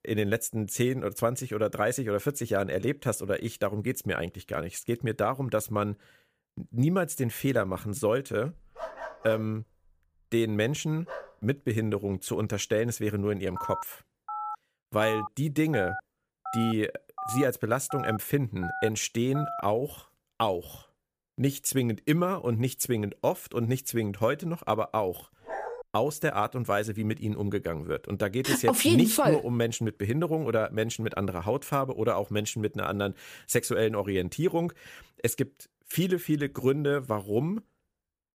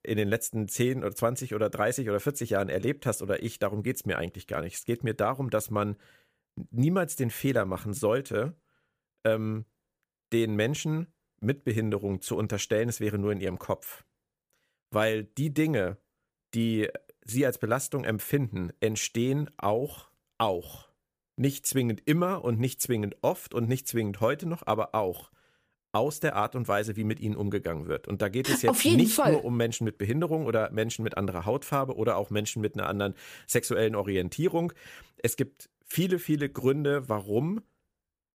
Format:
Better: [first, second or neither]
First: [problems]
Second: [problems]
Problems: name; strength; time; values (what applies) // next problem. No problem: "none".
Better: second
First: dog barking; faint; from 8.5 to 11 s; peak 10 dB below the speech // phone ringing; noticeable; from 14 to 20 s; peak 7 dB below the speech // dog barking; noticeable; at 25 s; peak 8 dB below the speech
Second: none